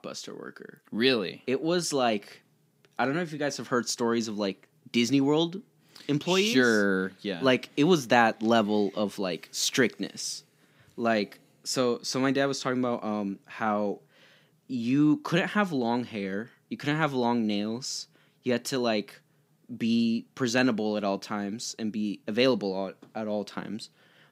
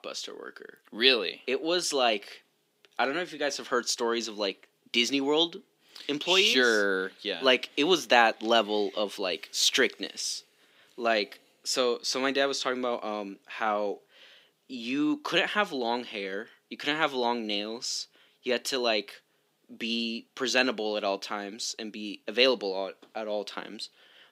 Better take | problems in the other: first | thin; somewhat; fading below 400 Hz

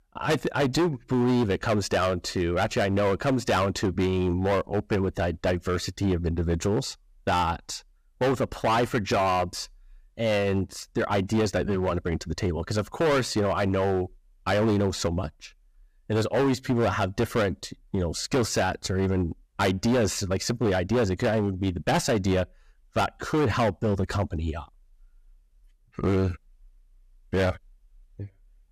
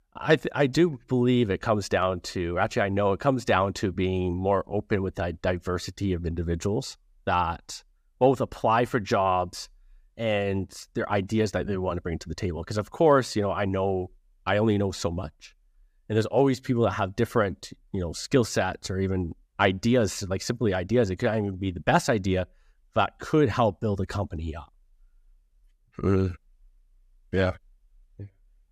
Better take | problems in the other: second | distortion; heavy; 12% of the sound clipped

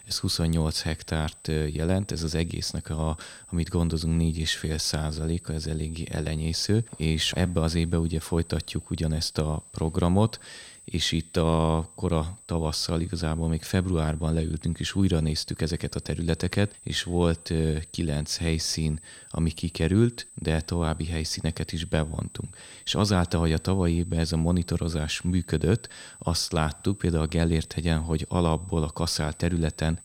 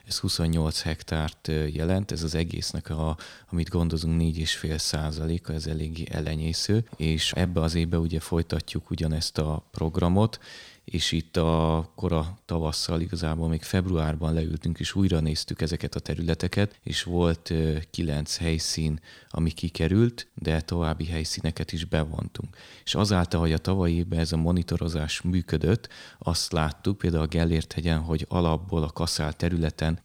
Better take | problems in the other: second | high-pitched whine; noticeable; throughout; 8 kHz, 20 dB below the speech

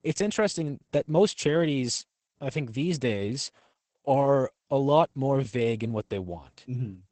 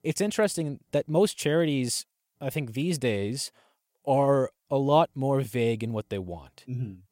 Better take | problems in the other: second | garbled, watery; badly; nothing above 8 kHz

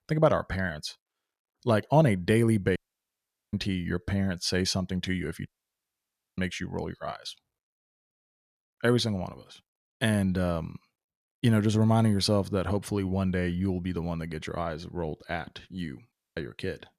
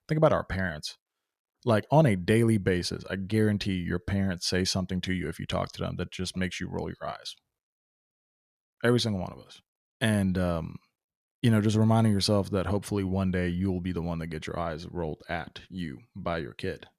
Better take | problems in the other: second | audio cutting out; at 3 s for 1 s, at 5.5 s for 1 s and at 16 s

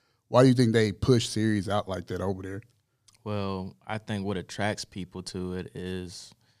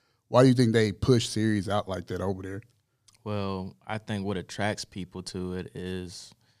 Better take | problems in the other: neither | none

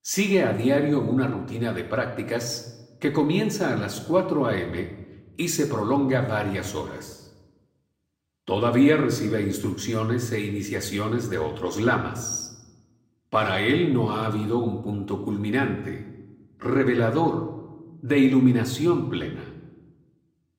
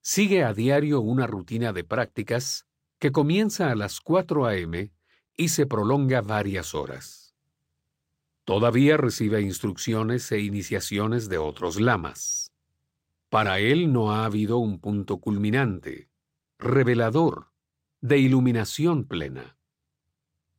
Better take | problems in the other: second | room echo; slight; dies away in 0.8 s // off-mic speech; somewhat distant

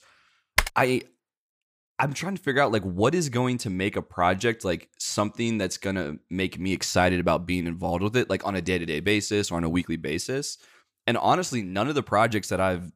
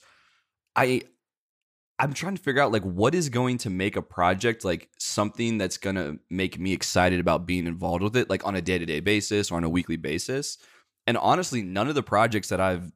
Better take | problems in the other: second | keyboard typing; loud; at 0.5 s; peak level with the speech

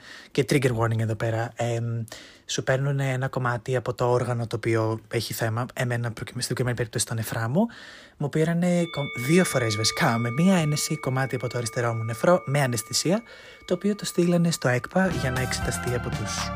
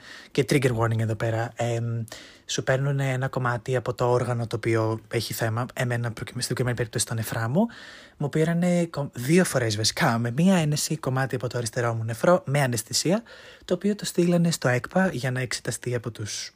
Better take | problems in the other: second | background music; noticeable; from 9 s on; 10 dB below the speech

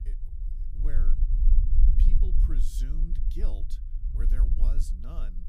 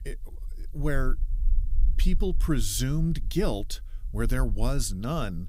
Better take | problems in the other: second | low rumble; loud; throughout; 1 dB below the speech; faint in the second

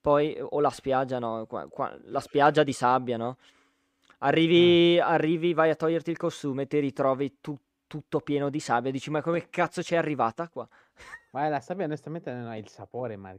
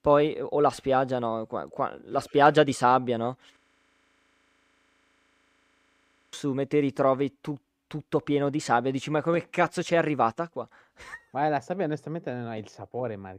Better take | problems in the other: first | audio freezing; at 3.5 s for 3 s

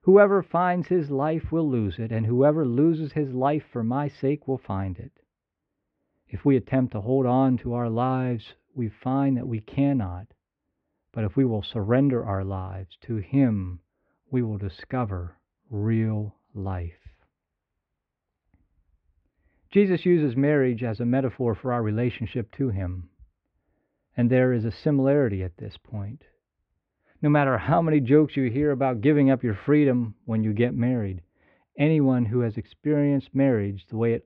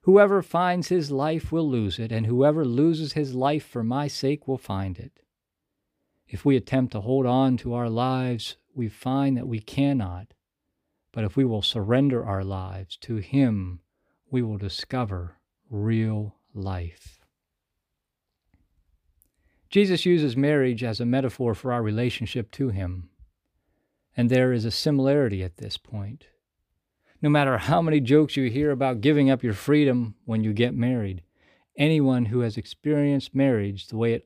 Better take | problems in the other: second | muffled; very; fading above 2 kHz

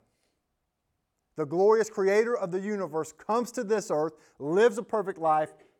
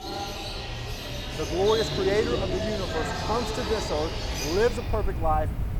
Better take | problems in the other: first | animal sounds; loud; throughout; 2 dB below the speech

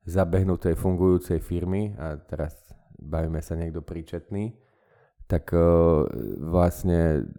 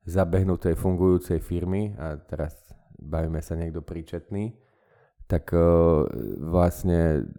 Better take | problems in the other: neither | none

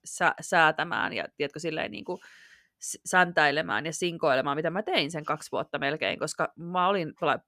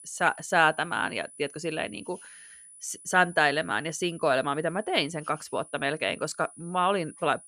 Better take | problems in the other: first | high-pitched whine; noticeable; throughout; 10 kHz, 20 dB below the speech

